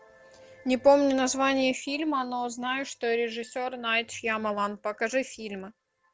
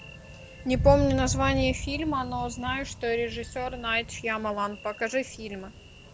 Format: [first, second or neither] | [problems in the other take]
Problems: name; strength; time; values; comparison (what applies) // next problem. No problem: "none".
first | background sound (Thunder); 6 dB below the speech